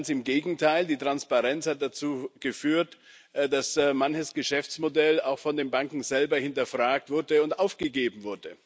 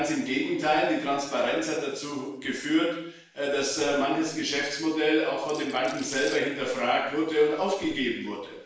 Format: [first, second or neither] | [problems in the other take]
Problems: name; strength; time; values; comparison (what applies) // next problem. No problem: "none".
first | noise reduction (neural separator model SepFormer DNS4)